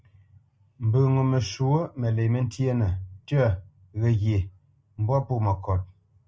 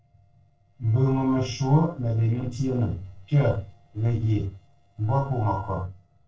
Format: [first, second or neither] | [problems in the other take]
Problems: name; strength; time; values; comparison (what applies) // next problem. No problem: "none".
first | noise reduction (neural separator model SepFormer DNS4)